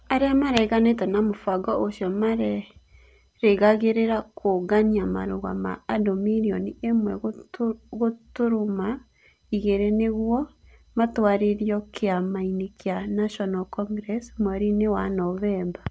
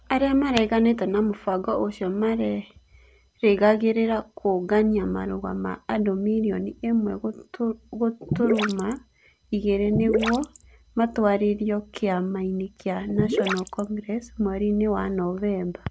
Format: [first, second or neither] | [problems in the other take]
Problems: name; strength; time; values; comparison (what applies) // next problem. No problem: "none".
first | background sound (Gurgling / Liquid); 4 dB below the speech